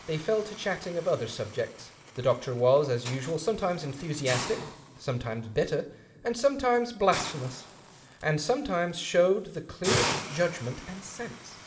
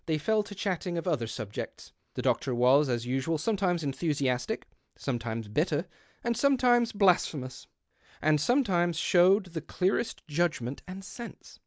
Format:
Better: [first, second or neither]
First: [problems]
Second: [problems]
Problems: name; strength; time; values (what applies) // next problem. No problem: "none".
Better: second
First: background sound (Hiss); 10 dB below the speech // room echo; dies away in 2.6 s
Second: none